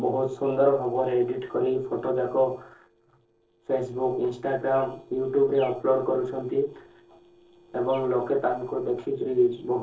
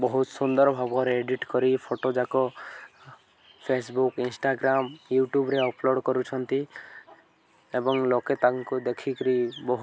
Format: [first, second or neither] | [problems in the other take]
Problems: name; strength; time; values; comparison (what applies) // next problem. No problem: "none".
second | noise reduction (neural separator model SepFormer DNS4)